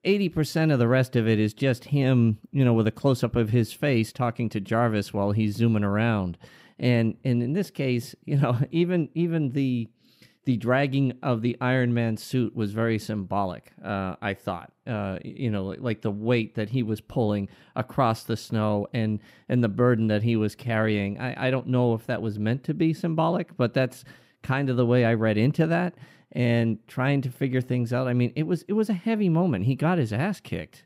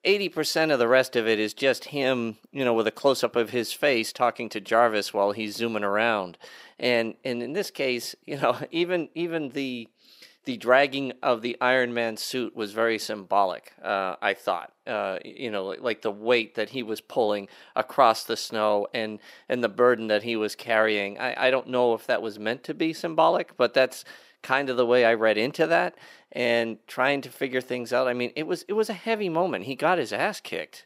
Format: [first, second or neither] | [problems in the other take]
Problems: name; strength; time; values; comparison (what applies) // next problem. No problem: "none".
first | thin; very; fading below 550 Hz